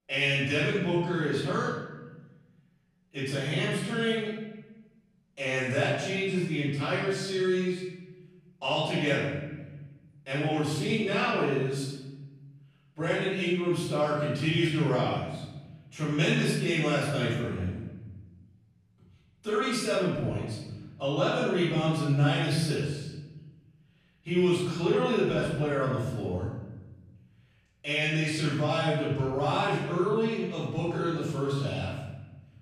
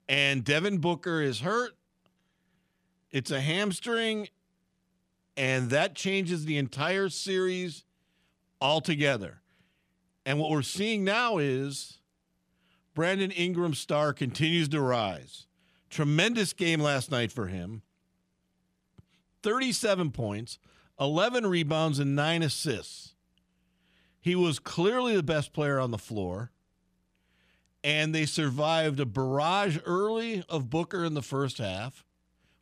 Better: second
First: off-mic speech; far // room echo; strong; dies away in 1.2 s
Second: none

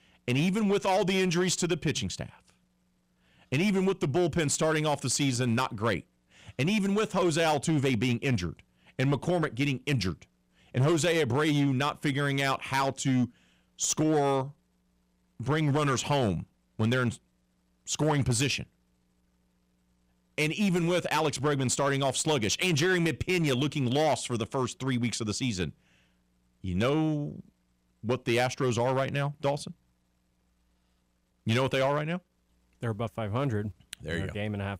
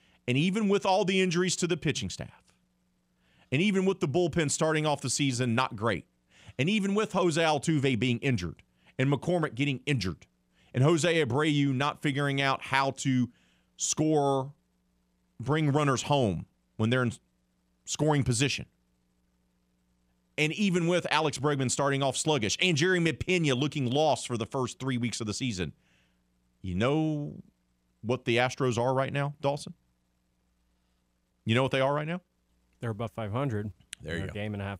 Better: second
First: distortion; slight; 6% of the sound clipped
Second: none

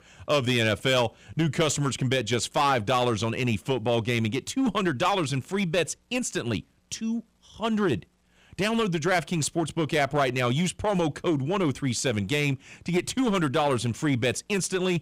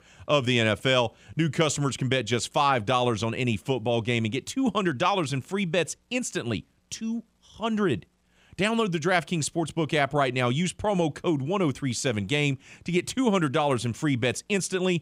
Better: second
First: distortion; slight; 6% of the sound clipped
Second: none

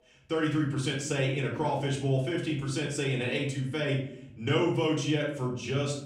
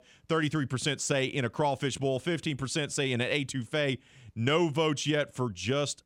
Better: second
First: room echo; noticeable; dies away in 0.6 s // off-mic speech; far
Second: none

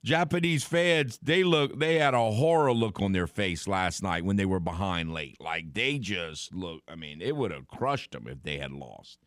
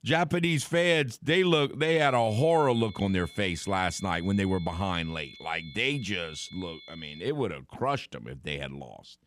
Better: first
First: none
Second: high-pitched whine; noticeable; from 2 to 7 s; 3.5 kHz, 20 dB below the speech

